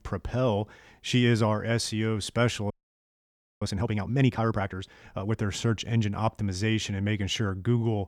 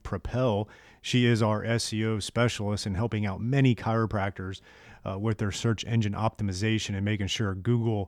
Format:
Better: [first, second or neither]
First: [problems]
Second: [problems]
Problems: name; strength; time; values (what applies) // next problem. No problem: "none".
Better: second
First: audio freezing; at 2.5 s for 1 s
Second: none